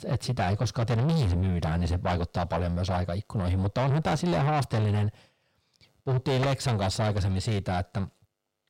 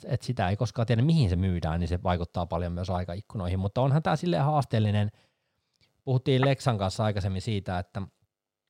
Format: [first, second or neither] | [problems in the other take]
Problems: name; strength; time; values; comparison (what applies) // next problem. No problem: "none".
second | distortion; heavy; 6 dB below the speech